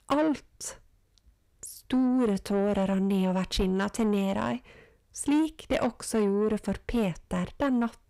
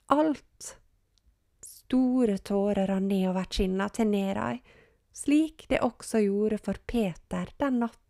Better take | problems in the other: second | distortion; slight; 10 dB below the speech

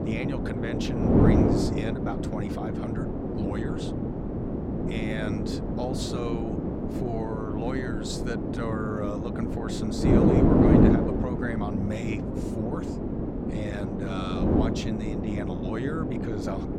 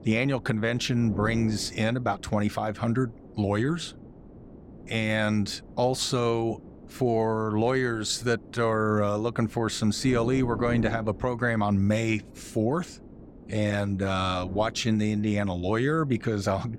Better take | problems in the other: second | wind noise on the microphone; heavy; 5 dB above the speech; occasional gusts in the second

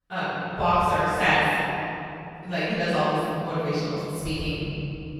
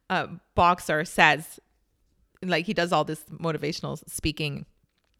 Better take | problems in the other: second | off-mic speech; far // room echo; strong; dies away in 2.8 s

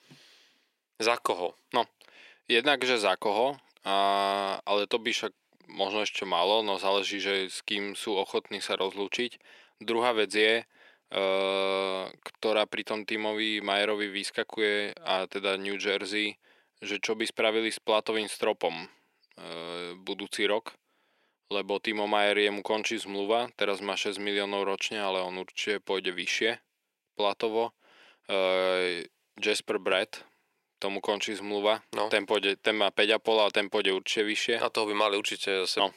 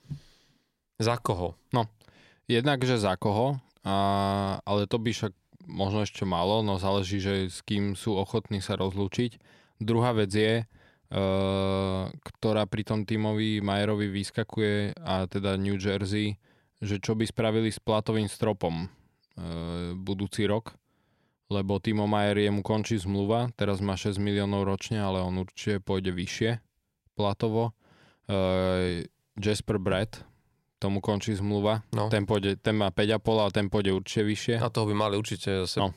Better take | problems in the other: second | thin; somewhat; fading below 350 Hz

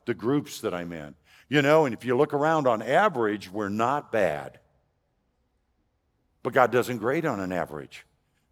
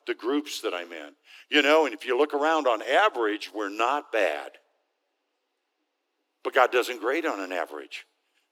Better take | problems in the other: first | thin; very slightly; fading below 300 Hz

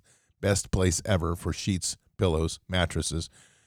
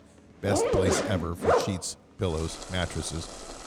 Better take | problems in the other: first | household noises; very loud; throughout; 3 dB above the speech

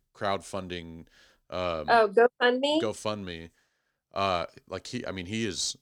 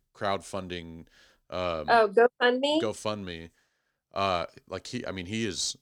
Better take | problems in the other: neither | none

